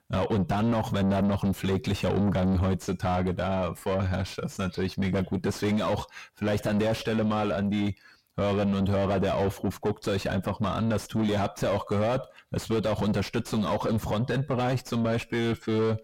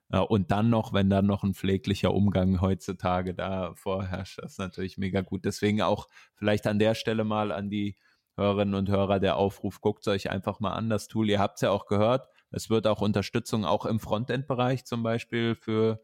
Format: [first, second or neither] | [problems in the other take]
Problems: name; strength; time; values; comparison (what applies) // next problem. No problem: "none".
second | distortion; heavy; 5 dB below the speech